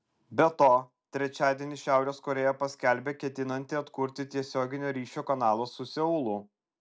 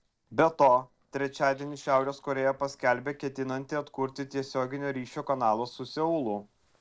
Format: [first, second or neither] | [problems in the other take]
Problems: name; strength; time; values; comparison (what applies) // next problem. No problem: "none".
first | noise reduction (neural separator model SepFormer DNS4)